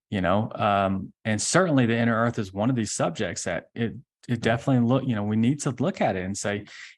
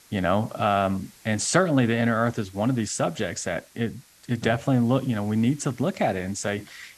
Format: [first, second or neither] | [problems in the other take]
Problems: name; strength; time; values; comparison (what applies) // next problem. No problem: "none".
first | hiss; faint; throughout; 25 dB below the speech